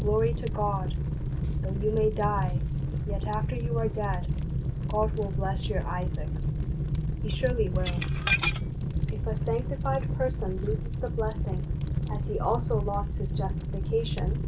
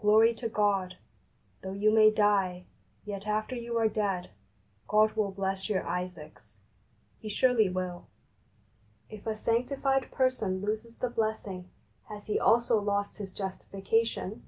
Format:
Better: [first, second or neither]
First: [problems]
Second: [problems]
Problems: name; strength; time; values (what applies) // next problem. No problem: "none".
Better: second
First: background sound (Fire + Dishes, pots, and pans / Glass); 4 dB above the speech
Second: none